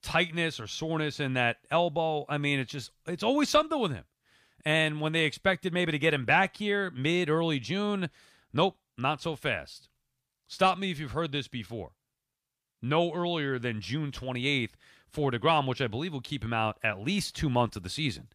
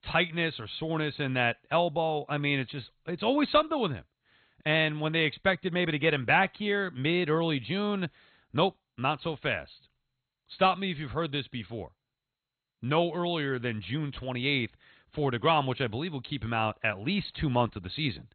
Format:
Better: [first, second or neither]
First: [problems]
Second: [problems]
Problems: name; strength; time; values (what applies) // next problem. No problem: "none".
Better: first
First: none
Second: garbled, watery; badly; nothing above 4 kHz